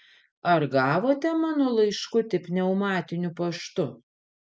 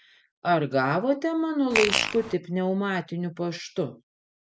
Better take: first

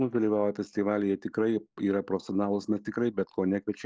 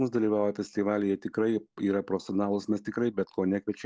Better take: second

